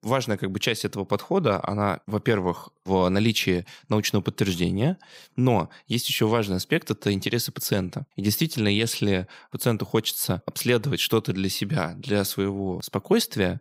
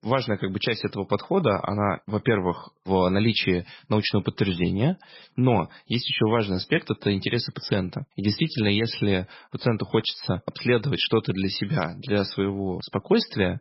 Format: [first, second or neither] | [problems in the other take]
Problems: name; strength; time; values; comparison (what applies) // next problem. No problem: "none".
first | garbled, watery; badly; nothing above 5.5 kHz